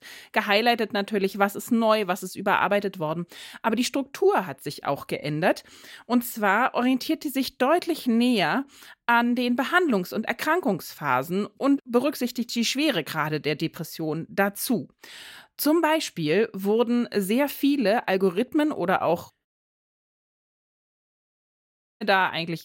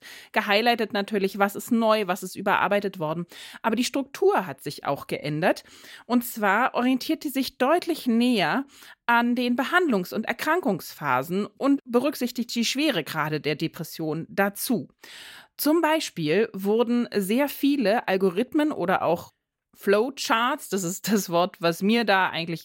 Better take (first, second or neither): second